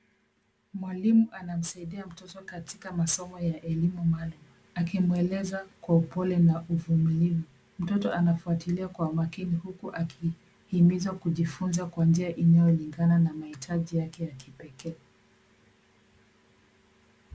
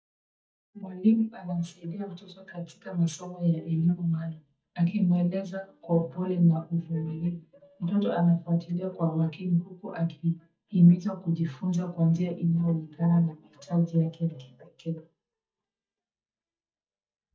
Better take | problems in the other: first | noise reduction (neural mask model DeepFilterNet 3)

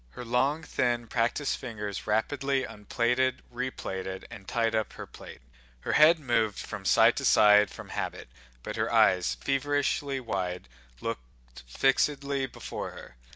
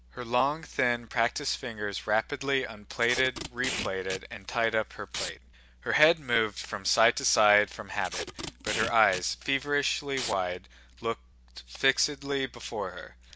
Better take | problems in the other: first | background sound (Packing tape, duct tape); 10 dB below the speech

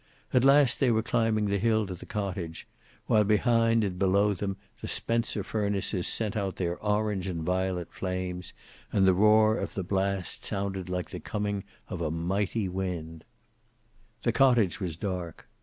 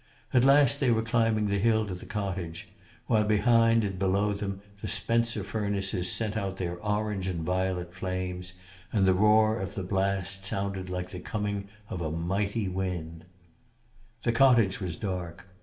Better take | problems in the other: first | room echo; dies away in 0.9 s

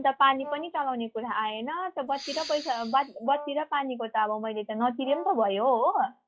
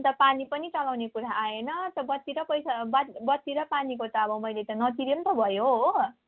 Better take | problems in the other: second | noise reduction (classical method log-MMSE)

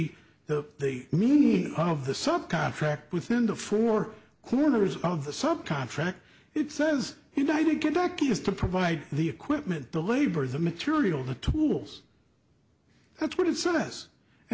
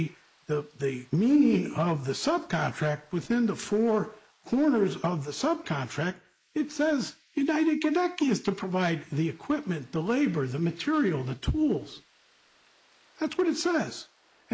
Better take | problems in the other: first | noise reduction (neural mask model Resemble Enhance denoiser)

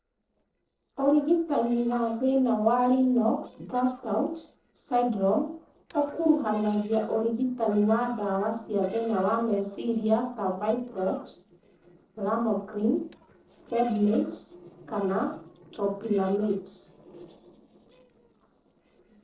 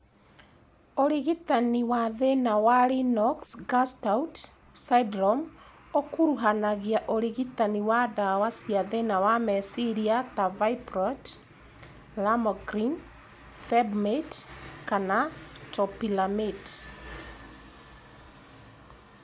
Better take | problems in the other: second | noise reduction (neural separator model SepFormer DNS4)

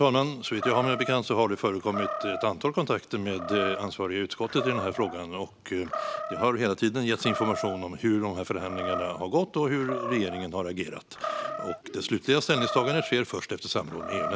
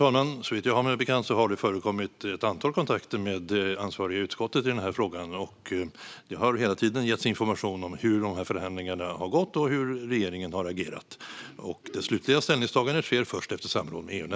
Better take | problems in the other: second | background sound (Animal); 8 dB below the speech

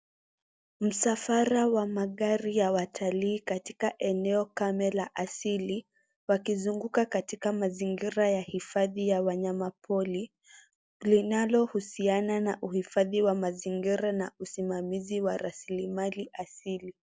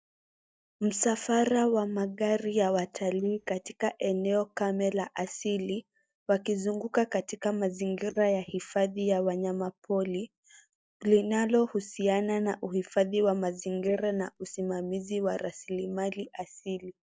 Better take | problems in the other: first | noise reduction (neural mask model DeepFilterNet 3)

